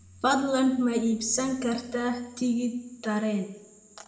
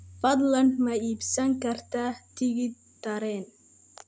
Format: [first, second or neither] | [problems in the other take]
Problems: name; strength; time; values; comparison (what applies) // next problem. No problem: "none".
second | room echo; dies away in 0.8 s